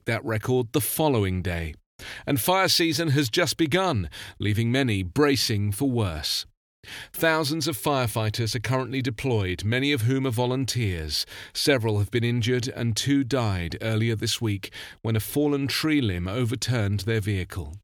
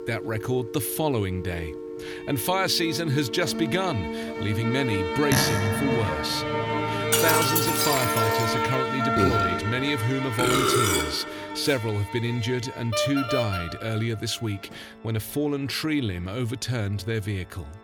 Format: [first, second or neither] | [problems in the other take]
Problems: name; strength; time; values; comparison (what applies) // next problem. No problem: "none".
first | background music; very loud; throughout; 1 dB above the speech